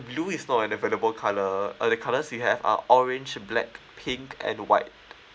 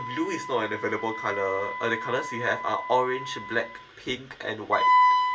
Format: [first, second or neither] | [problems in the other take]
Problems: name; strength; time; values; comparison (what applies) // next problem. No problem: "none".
first | background sound (Wind instrument, woodwind instrument); 1 dB above the speech // room echo; dies away in 0.1 s